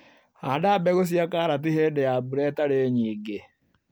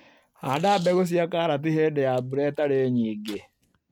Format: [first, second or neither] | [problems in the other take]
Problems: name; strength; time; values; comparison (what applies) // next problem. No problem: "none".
first | noise reduction (neural mask model RNNoise)